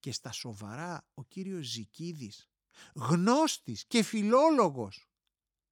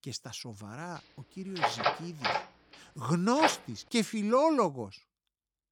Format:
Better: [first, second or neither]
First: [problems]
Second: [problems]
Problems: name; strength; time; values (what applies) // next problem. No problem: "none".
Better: first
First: none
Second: door banging; loud; from 1.5 to 3.5 s; peak 2 dB above the speech